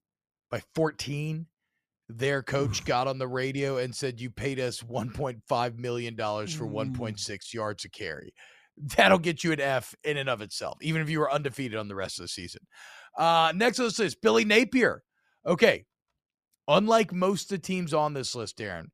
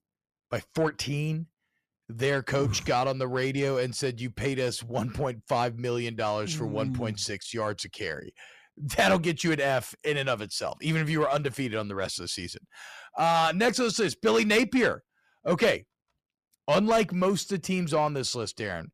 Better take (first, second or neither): first